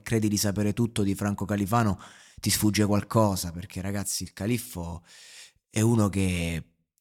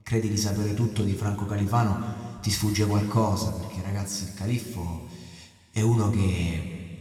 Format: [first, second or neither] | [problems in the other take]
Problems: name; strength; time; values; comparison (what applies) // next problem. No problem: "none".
first | room echo; noticeable; dies away in 2.1 s // off-mic speech; somewhat distant